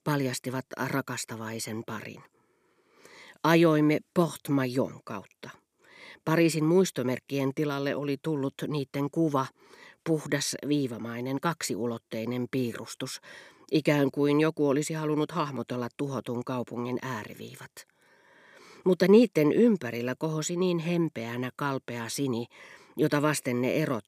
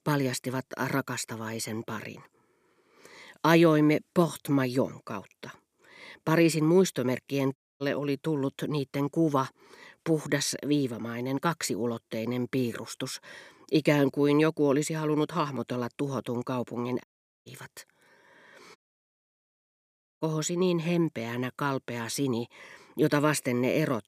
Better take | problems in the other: first | audio cutting out; at 7.5 s, at 17 s and at 19 s for 1.5 s

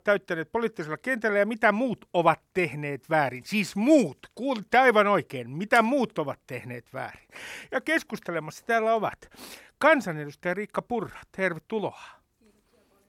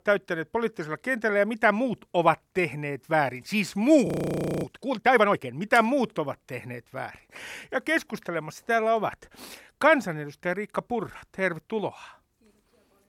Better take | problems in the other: first | audio freezing; at 4 s for 0.5 s

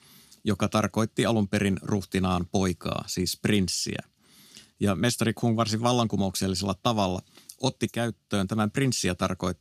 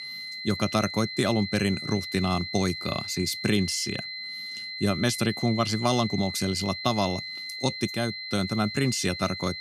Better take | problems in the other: first | high-pitched whine; loud; throughout; 4 kHz, 6 dB below the speech

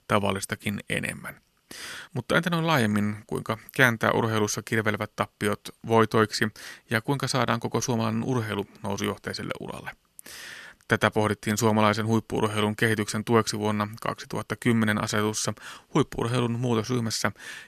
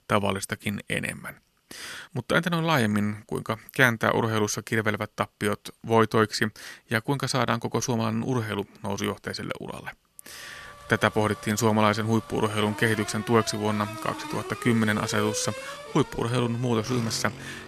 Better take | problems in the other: first | traffic noise; noticeable; from 11 s on; 15 dB below the speech

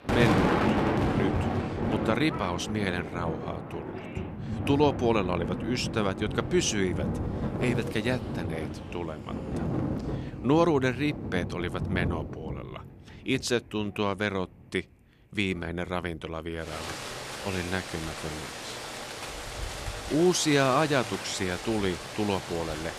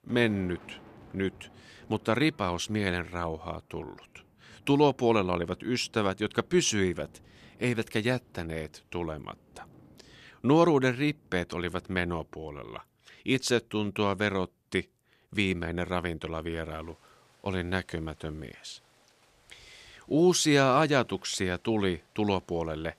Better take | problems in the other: second | rain or running water; loud; throughout; 3 dB below the speech; faint in the second

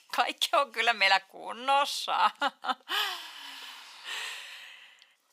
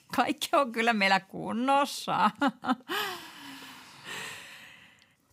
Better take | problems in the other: second | thin; very; fading below 650 Hz

